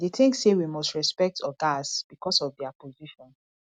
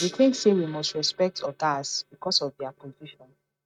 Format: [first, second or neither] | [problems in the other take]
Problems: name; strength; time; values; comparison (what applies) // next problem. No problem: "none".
first | noise reduction (neural mask model RNNoise)